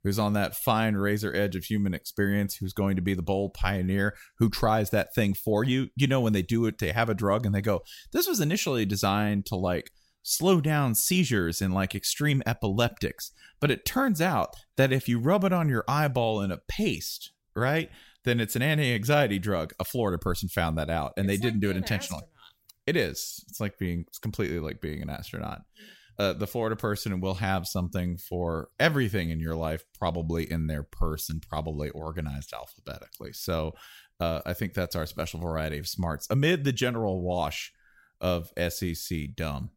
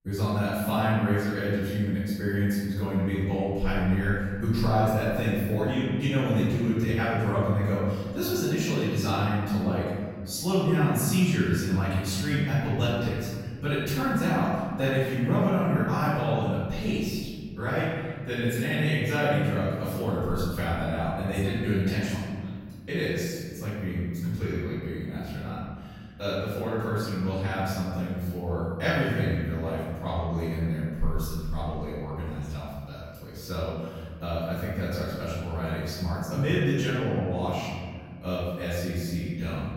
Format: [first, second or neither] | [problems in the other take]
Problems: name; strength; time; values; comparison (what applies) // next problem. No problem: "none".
first | room echo; strong; dies away in 2.1 s // off-mic speech; far